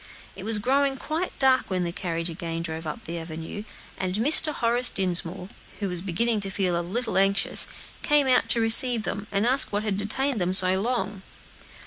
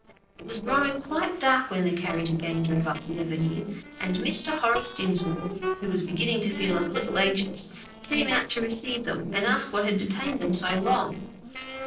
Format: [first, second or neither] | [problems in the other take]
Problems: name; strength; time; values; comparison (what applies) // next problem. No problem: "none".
first | noise reduction (neural separator model SepFormer DNS4)